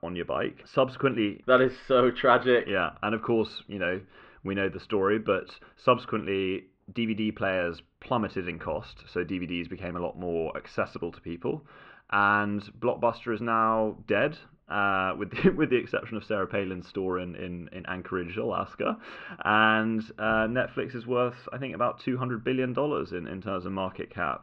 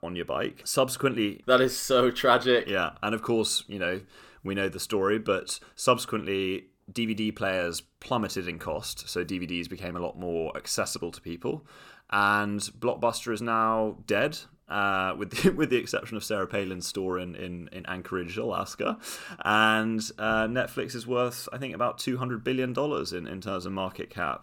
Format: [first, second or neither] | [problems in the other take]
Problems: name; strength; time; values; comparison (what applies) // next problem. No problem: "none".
second | muffled; very; fading above 3 kHz